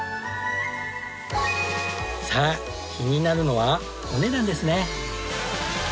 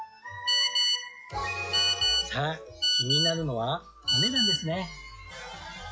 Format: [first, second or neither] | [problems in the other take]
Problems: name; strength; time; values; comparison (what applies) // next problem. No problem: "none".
first | noise reduction (classical method log-MMSE)